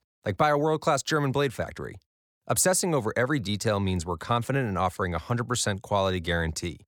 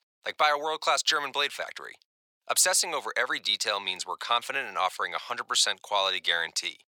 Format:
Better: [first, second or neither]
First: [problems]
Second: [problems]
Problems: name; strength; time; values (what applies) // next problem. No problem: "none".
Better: first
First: none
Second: thin; very; fading below 850 Hz